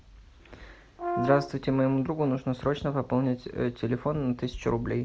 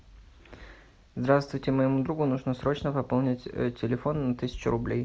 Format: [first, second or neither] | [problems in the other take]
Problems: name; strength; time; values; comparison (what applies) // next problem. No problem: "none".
second | background sound (Brass instrument); 6 dB below the speech